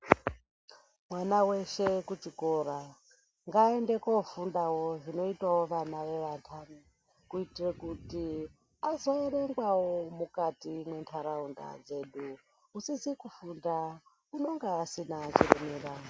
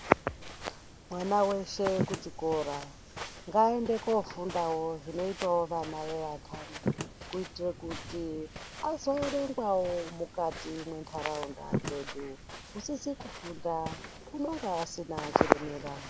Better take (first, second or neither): first